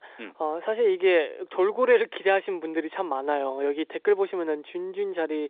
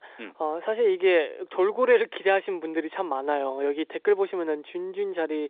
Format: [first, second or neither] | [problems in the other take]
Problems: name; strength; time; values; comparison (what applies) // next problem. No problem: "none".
neither | phone-call audio; nothing above 3.5 kHz; the same in both